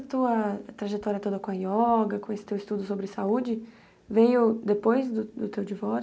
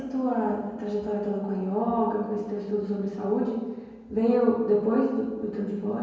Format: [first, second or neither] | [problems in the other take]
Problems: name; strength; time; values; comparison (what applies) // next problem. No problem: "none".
first | room echo; dies away in 1.2 s